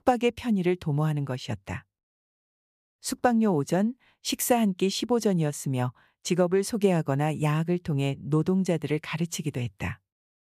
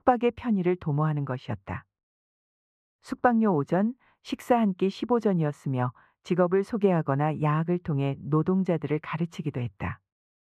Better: first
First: none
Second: muffled; very; fading above 3.5 kHz

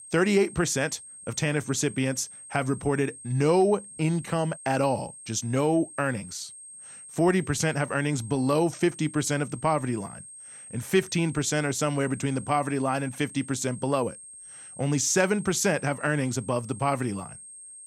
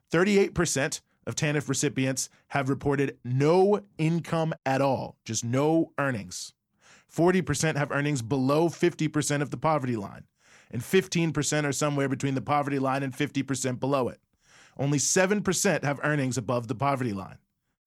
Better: second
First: high-pitched whine; noticeable; throughout; 8.5 kHz, 15 dB below the speech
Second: none

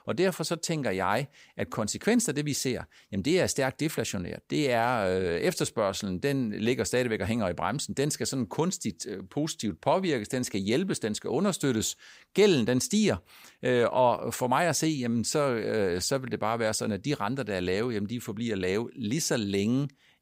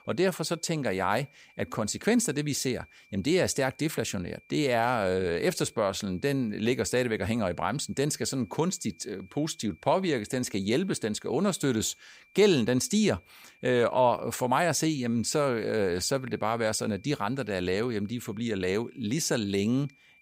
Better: first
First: none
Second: high-pitched whine; faint; throughout; 2.5 kHz, 30 dB below the speech

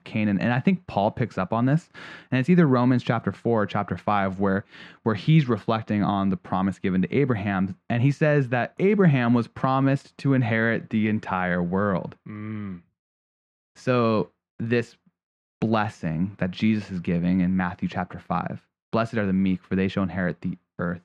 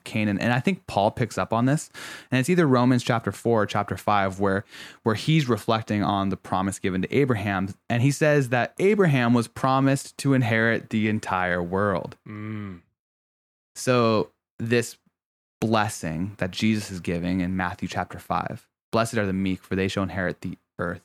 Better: second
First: muffled; slightly; fading above 3 kHz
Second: none

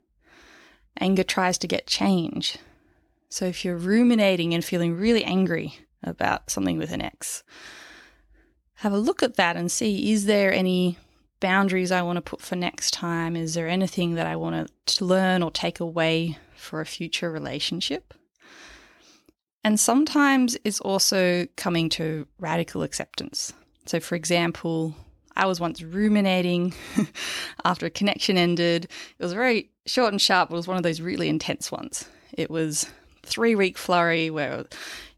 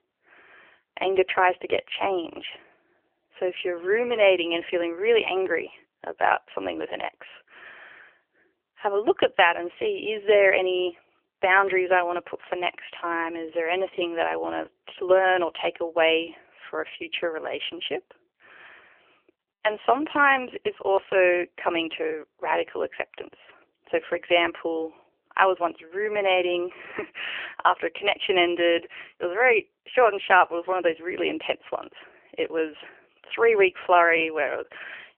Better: first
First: none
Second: phone-call audio; poor line; nothing above 3 kHz

